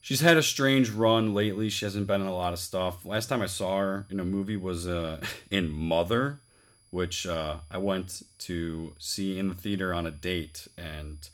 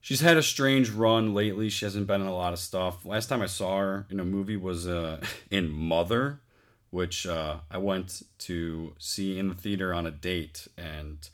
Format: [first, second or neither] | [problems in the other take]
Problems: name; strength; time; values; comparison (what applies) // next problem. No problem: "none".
second | high-pitched whine; faint; throughout; 10.5 kHz, 30 dB below the speech